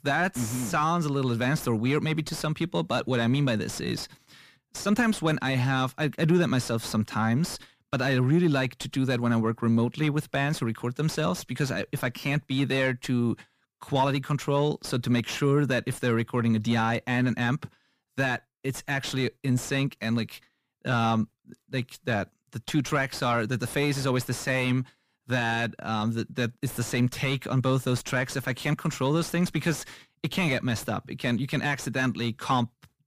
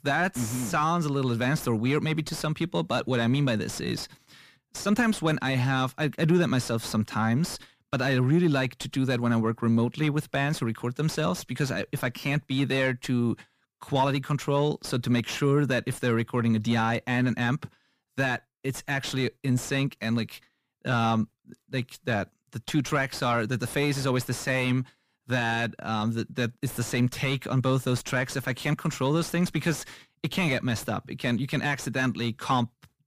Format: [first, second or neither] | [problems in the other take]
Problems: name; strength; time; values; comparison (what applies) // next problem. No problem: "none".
neither | distortion; slight; 10 dB below the speech; the same in both